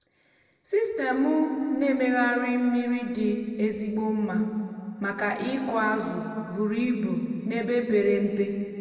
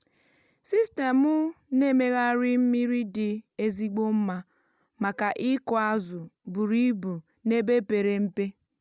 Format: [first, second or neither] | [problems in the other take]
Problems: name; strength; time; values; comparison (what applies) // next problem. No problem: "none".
second | room echo; dies away in 2.1 s